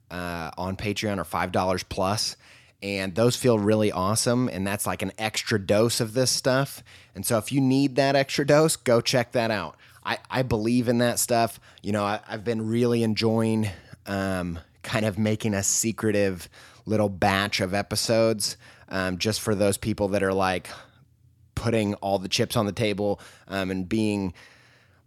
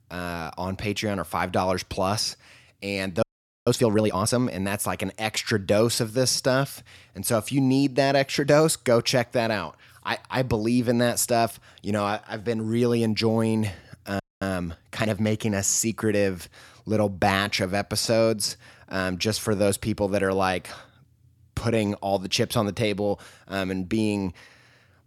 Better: first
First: none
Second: audio freezing; at 3 s and at 14 s

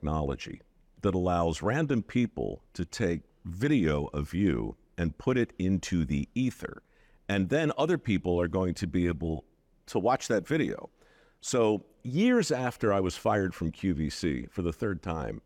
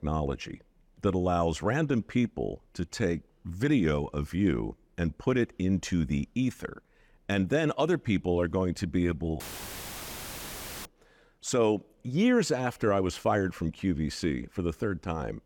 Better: first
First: none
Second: audio cutting out; filled with static; at 9.5 s for 1.5 s

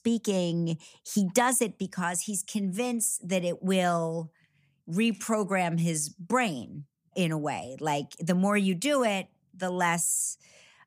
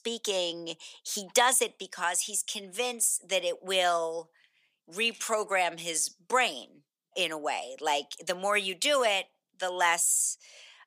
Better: first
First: none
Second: thin; very; fading below 450 Hz

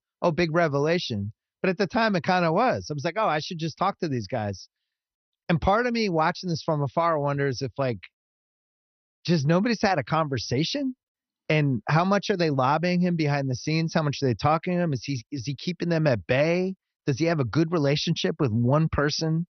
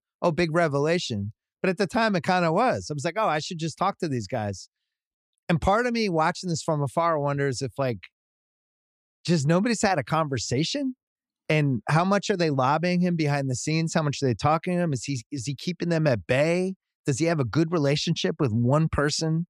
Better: second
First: garbled, watery; slightly; nothing above 6 kHz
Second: none

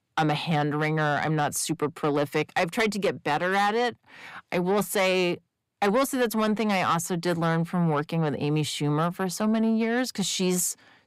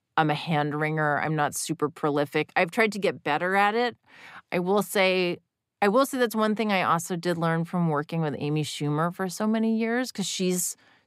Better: second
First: distortion; slight; 10 dB below the speech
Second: none

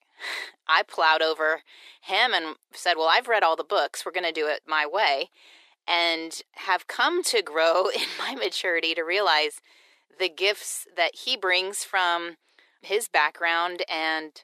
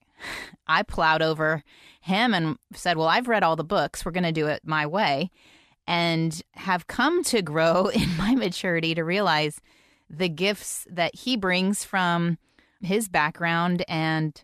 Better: second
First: thin; very; fading below 350 Hz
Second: none

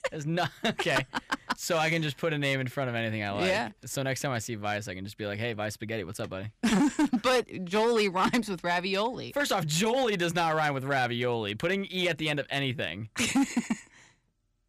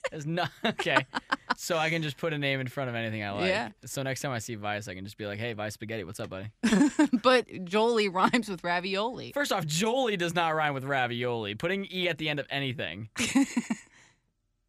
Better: second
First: distortion; slight; 5% of the sound clipped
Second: none

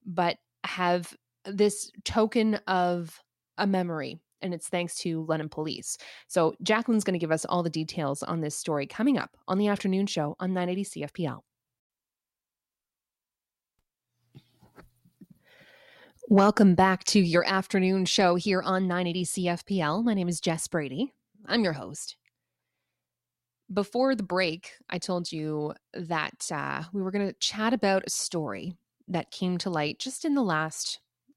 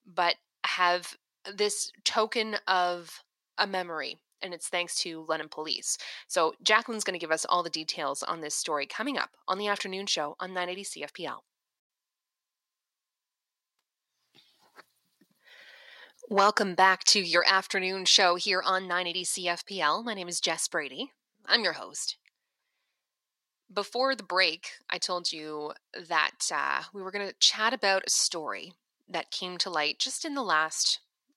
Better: first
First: none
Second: thin; very; fading below 450 Hz

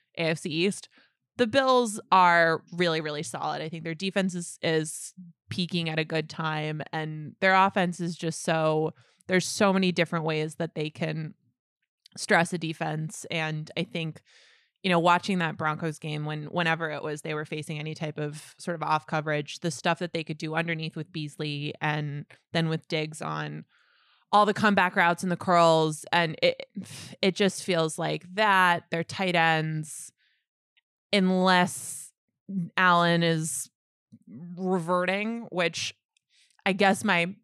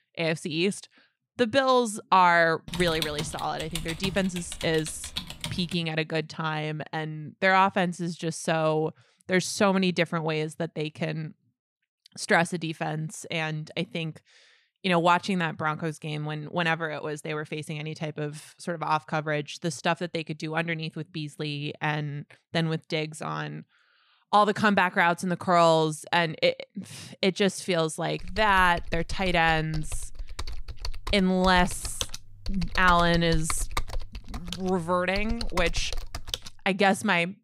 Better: first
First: none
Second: keyboard typing; noticeable; from 2.5 to 5.5 s and from 28 to 36 s; peak 5 dB below the speech

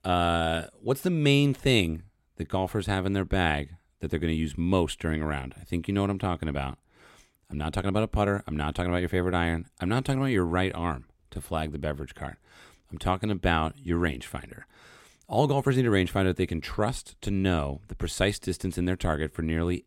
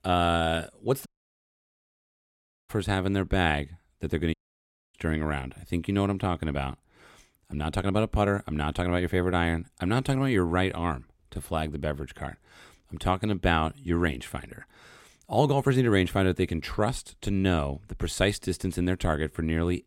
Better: first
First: none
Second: audio cutting out; at 1 s for 1.5 s and at 4.5 s for 0.5 s

